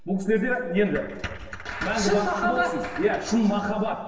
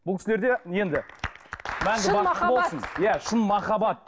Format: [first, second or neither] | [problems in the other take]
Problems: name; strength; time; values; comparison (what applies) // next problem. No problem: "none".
second | room echo; dies away in 1.3 s